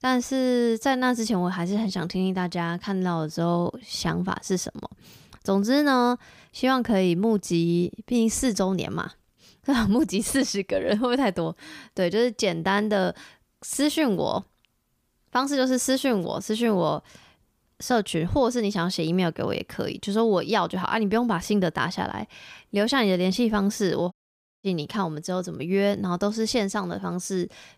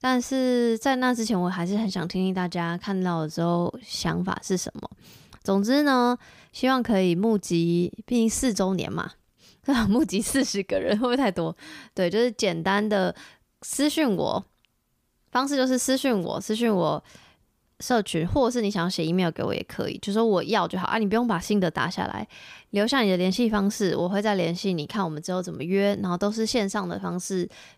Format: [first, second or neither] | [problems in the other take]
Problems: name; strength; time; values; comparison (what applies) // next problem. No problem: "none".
second | audio cutting out; at 24 s for 0.5 s